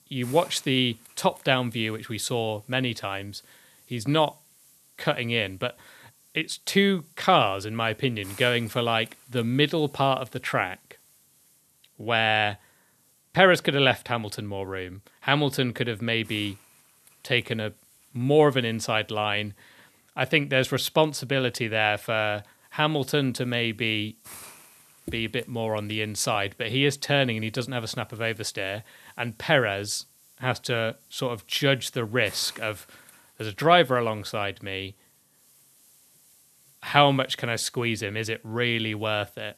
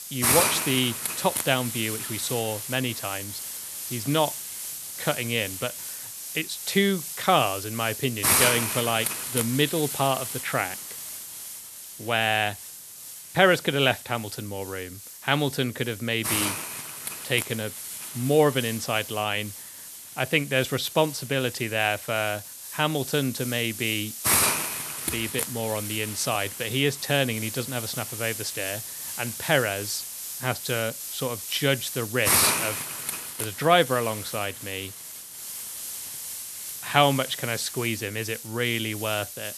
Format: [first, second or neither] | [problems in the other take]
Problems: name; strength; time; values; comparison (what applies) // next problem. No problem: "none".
first | hiss; loud; throughout; 3 dB below the speech; faint in the first